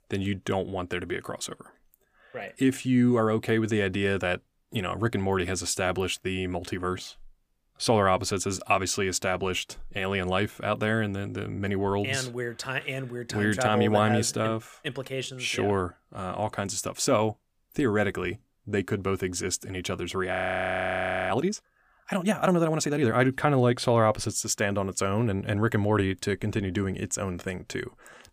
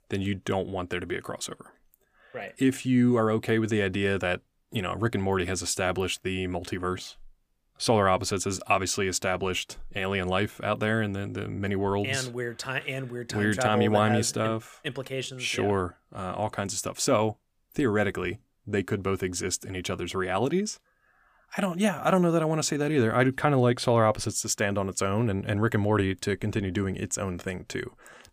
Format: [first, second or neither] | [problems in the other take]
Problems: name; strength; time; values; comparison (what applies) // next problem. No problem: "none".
second | audio freezing; at 20 s for 1 s